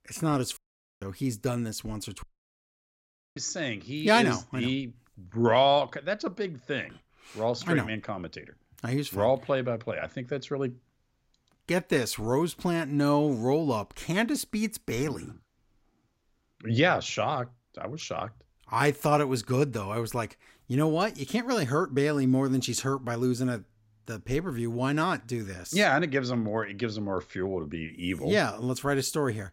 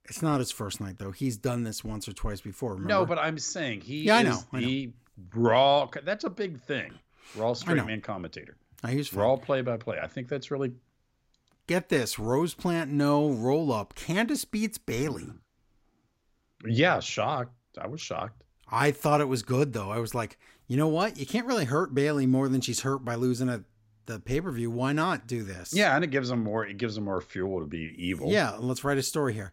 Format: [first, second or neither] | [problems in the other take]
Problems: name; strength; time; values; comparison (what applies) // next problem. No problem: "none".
second | audio cutting out; at 0.5 s and at 2 s for 1 s